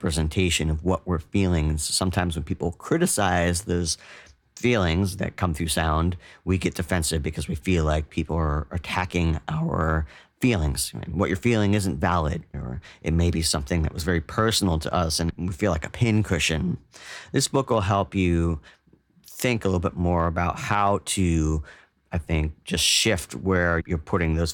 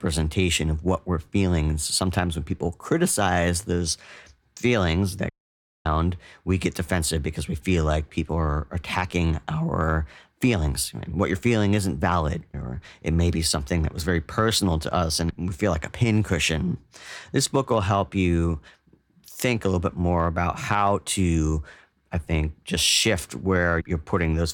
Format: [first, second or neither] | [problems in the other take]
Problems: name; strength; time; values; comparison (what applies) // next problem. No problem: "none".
first | audio cutting out; at 5.5 s for 0.5 s